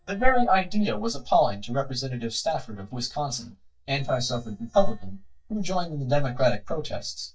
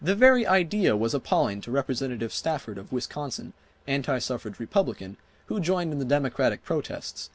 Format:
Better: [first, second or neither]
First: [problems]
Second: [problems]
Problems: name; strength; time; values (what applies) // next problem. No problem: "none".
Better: second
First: noise reduction (neural mask model DeepFilterNet 3)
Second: none